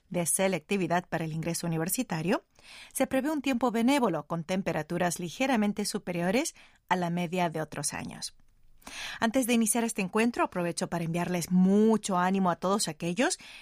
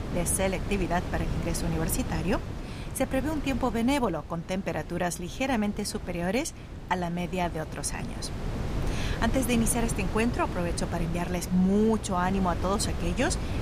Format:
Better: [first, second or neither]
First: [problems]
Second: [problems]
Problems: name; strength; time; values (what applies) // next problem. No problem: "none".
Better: first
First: none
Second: wind noise on the microphone; occasional gusts; 10 dB below the speech